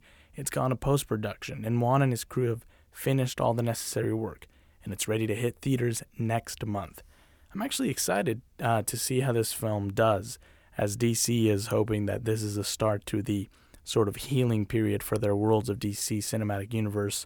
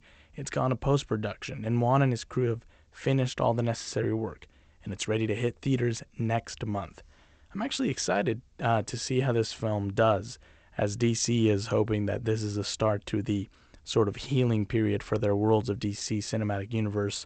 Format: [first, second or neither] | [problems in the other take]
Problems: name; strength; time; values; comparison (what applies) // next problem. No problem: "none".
first | garbled, watery; slightly; nothing above 8 kHz